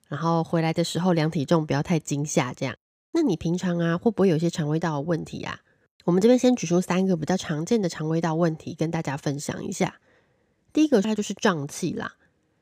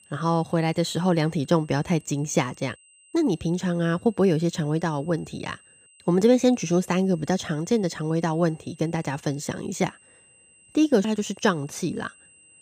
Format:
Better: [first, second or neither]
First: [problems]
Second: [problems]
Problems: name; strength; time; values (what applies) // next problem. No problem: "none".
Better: first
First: none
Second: high-pitched whine; faint; throughout; 3 kHz, 30 dB below the speech